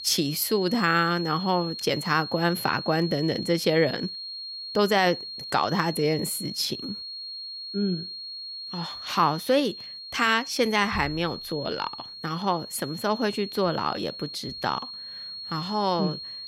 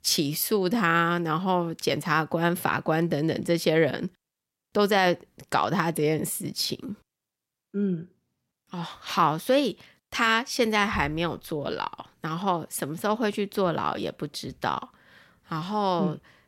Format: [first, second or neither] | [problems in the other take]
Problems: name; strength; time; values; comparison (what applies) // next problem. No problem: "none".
second | high-pitched whine; loud; throughout; 4.5 kHz, 9 dB below the speech